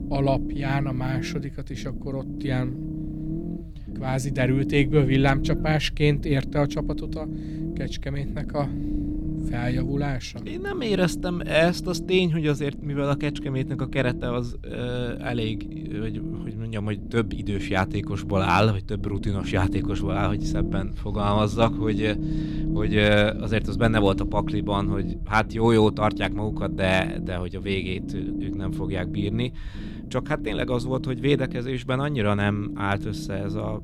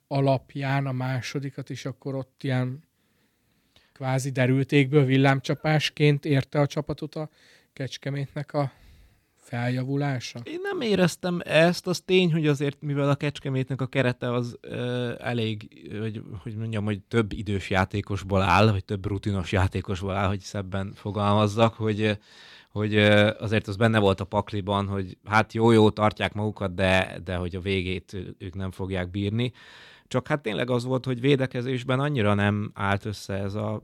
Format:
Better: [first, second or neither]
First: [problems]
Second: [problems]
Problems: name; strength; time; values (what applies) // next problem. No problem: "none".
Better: second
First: low rumble; noticeable; throughout; 10 dB below the speech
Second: none